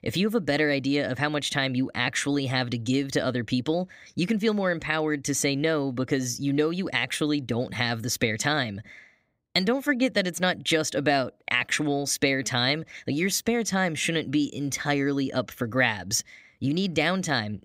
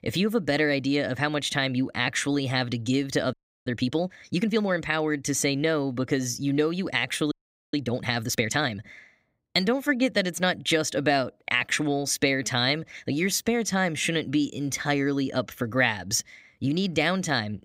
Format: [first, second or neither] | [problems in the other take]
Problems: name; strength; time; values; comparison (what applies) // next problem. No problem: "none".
first | audio freezing; at 3.5 s and at 7.5 s